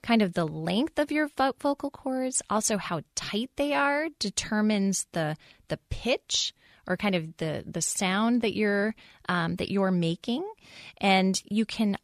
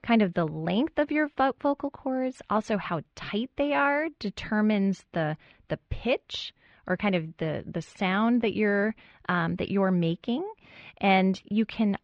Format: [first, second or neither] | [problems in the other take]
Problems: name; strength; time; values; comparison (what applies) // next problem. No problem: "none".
first | muffled; very; fading above 3 kHz